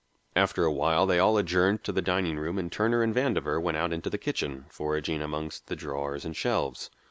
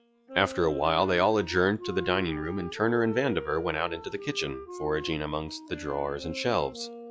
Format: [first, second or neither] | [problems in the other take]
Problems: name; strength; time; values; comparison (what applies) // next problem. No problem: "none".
first | noise reduction (classical method log-MMSE)